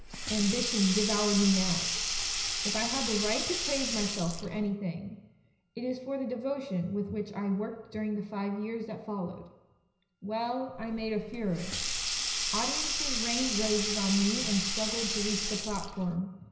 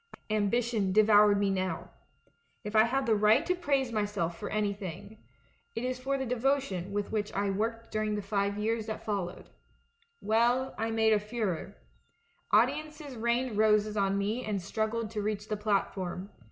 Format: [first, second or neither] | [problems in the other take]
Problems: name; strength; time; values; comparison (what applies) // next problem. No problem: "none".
second | background sound (Sink (filling or washing)); 2 dB below the speech // room echo; dies away in 0.9 s